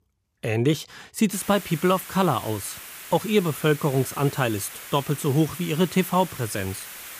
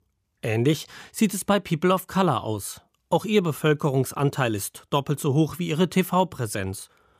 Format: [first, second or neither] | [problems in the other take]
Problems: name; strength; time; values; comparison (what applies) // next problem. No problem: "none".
second | hiss; noticeable; from 1.5 s on; 15 dB below the speech